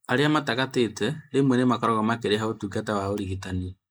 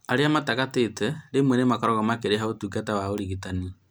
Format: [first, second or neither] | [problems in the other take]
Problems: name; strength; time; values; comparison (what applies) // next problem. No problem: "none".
second | noise reduction (neural mask model Resemble Enhance denoiser)